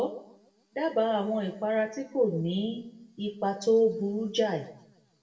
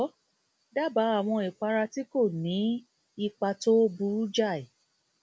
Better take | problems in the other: second | room echo; dies away in 0.6 s

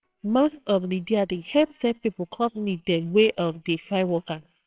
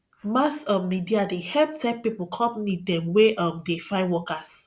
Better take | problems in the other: second | noise reduction (neural separator model SepFormer WHAMR!)

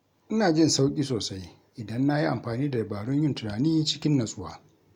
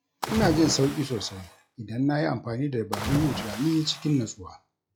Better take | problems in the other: first | noise reduction (classical method log-MMSE)

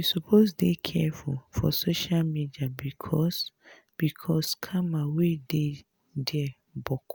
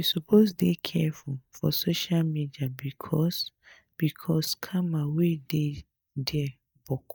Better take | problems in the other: first | noise reduction (neural mask model DeepFilterNet 3)

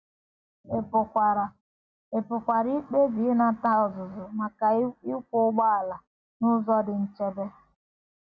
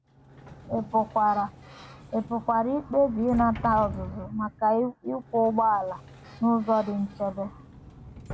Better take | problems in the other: first | background sound (Sliding door); 16 dB below the speech

